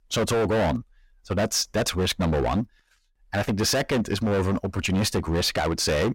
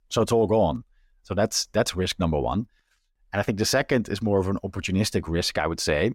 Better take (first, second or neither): second